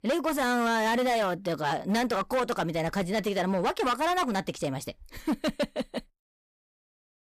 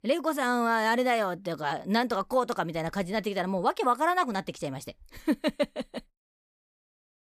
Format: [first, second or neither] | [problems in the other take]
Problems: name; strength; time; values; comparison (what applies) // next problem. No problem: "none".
second | distortion; heavy; 15% of the sound clipped